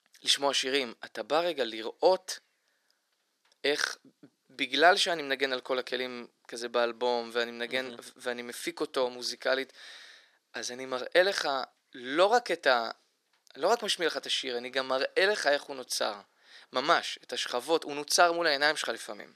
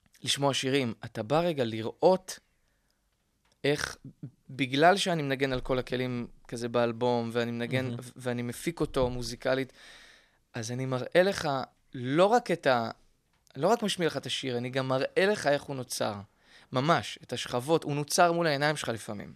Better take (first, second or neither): second